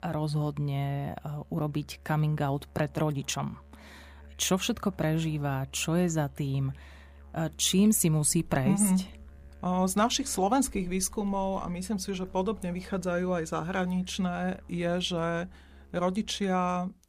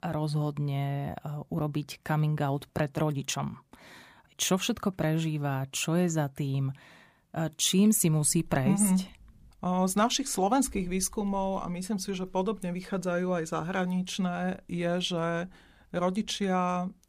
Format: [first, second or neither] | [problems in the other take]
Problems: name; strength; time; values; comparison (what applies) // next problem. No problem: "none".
second | background music; faint; throughout; 25 dB below the speech